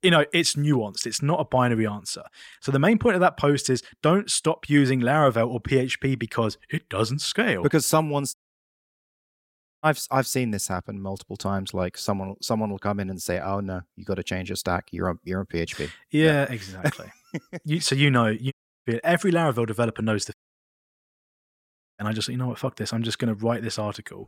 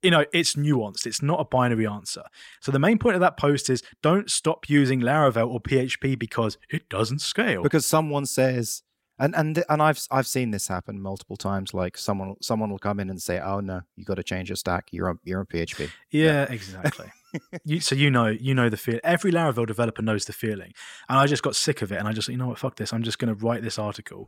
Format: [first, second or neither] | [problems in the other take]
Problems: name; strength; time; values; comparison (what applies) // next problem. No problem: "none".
second | audio cutting out; at 8.5 s for 1.5 s, at 19 s and at 20 s for 1.5 s